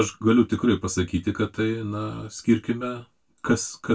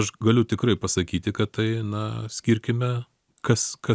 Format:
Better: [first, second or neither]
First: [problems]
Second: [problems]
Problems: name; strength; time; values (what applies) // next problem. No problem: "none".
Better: second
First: room echo; dies away in 0.1 s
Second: none